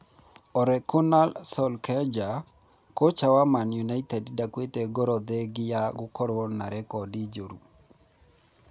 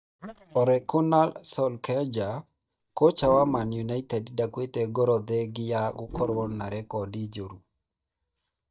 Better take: first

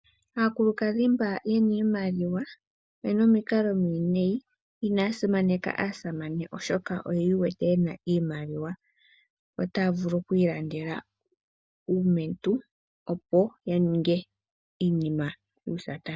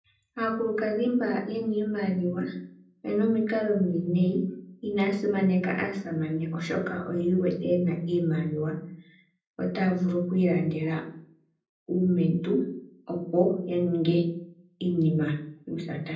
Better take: first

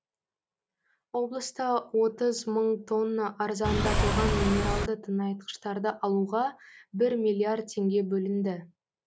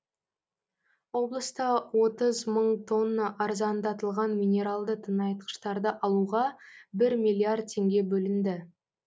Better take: second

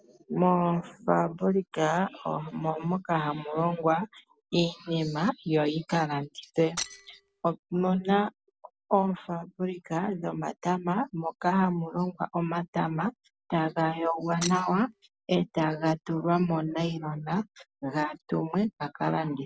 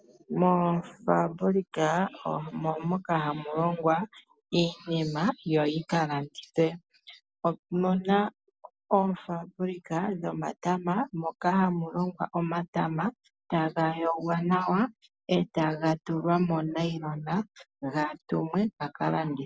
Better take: second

